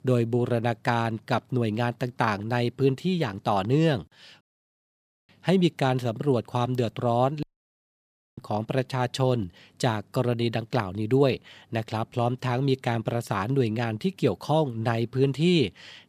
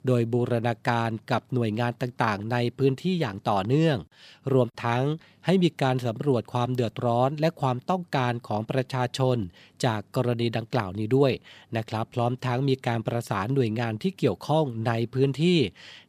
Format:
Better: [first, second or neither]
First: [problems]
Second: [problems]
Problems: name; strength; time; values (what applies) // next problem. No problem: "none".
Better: second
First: audio cutting out; at 4.5 s for 1 s and at 7.5 s for 1 s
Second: none